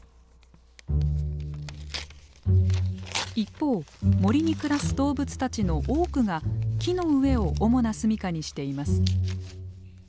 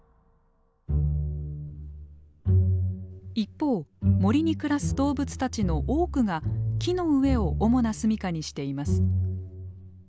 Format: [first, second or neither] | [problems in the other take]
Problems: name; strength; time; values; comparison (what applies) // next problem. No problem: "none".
second | background sound (Tearing); 18 dB below the speech